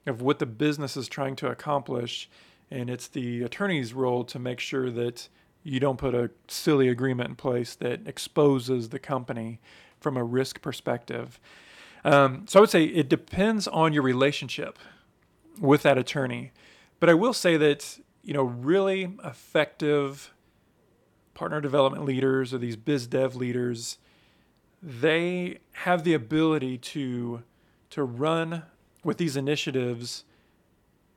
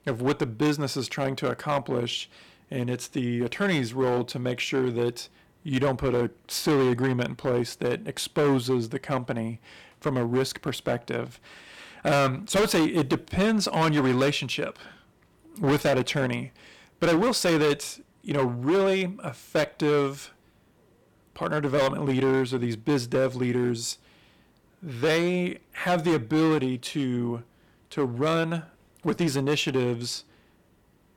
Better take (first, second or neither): first